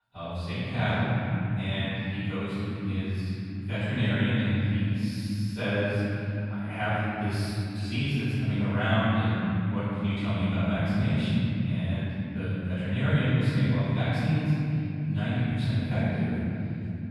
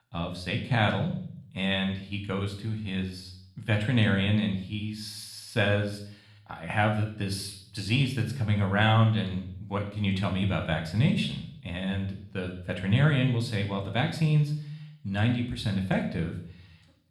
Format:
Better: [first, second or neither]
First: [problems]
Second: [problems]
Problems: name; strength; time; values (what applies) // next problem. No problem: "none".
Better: second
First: room echo; strong; dies away in 3 s // off-mic speech; far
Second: room echo; slight; dies away in 0.6 s // off-mic speech; somewhat distant